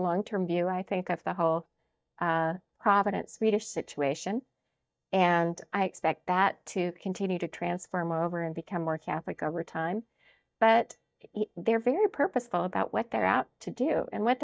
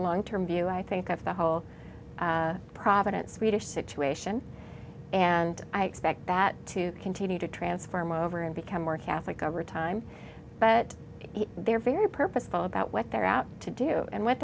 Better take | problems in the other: second | noise reduction (neural mask model DeepFilterNet 3)

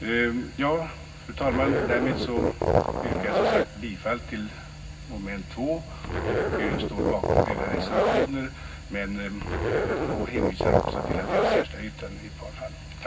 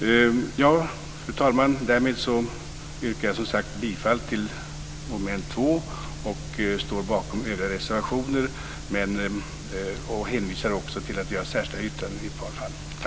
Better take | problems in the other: second | background sound (Zipper (clothing)); 5 dB above the speech // room echo; dies away in 0.4 s

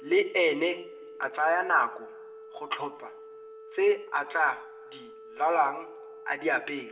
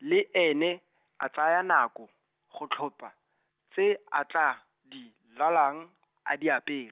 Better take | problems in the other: second | background sound (Organ); 17 dB below the speech // room echo; dies away in 1.4 s

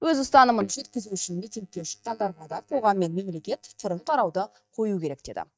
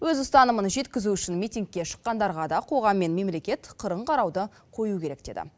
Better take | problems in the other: second | noise reduction (neural mask model DeepFilterNet 3)

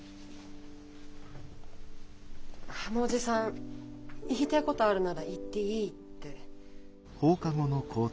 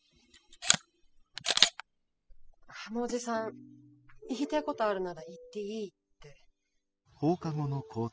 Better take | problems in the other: first | noise reduction (classical method spectral subtraction)

